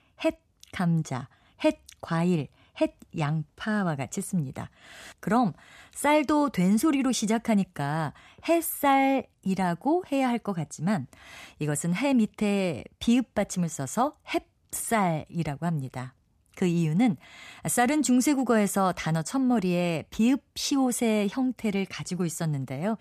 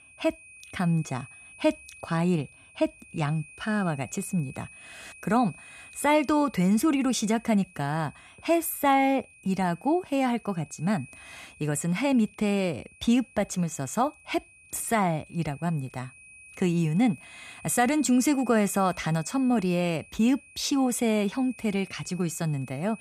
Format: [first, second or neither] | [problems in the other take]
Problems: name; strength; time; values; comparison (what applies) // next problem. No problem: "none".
first | high-pitched whine; faint; throughout; 2.5 kHz, 20 dB below the speech